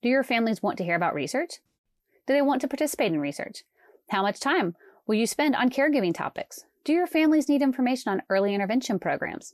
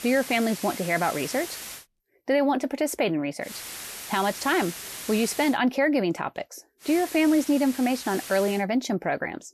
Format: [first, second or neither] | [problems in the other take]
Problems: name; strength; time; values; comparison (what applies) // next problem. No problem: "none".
first | hiss; noticeable; until 2 s, from 3.5 to 5.5 s and from 7 to 8.5 s; 10 dB below the speech